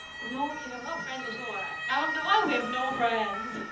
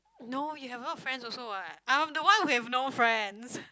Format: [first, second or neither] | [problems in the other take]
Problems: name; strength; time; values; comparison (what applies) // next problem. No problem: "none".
second | background sound (Motor vehicle (road) / Siren); 4 dB below the speech // room echo; dies away in 0.7 s